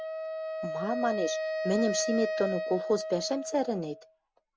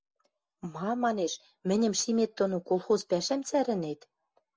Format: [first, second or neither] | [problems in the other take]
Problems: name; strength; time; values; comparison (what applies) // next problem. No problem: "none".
second | background sound (Wind instrument, woodwind instrument); 3 dB below the speech